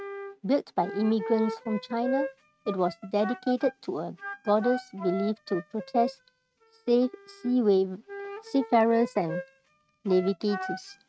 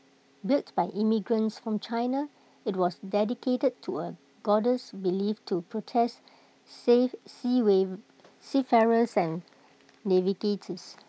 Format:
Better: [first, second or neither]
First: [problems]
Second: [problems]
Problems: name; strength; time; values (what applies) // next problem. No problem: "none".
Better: second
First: noise reduction (neural mask model RNNoise)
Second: none